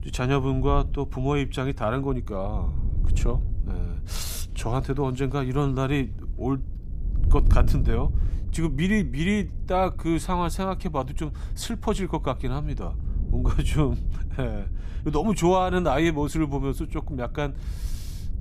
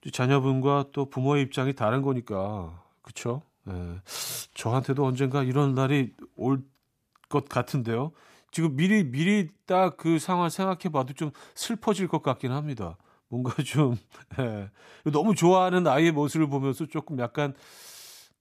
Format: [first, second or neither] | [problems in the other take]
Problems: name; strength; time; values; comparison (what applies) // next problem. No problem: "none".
second | wind noise on the microphone; occasional gusts; 20 dB below the speech